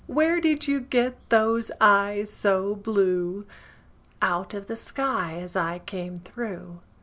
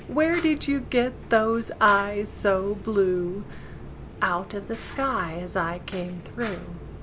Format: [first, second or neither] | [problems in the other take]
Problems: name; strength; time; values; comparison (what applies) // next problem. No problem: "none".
first | background sound (Fire); 13 dB below the speech